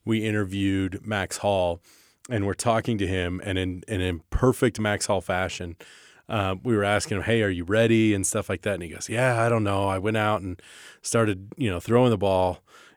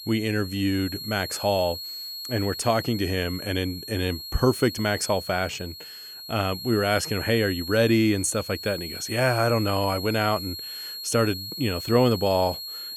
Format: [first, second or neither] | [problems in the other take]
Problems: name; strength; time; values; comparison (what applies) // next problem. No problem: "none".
first | high-pitched whine; loud; throughout; 4.5 kHz, 9 dB below the speech